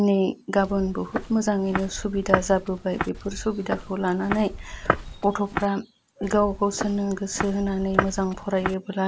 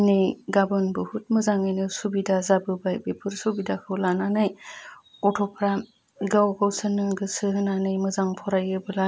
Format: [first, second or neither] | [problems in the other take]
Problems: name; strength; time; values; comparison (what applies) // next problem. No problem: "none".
second | background sound (Walk, footsteps); 6 dB below the speech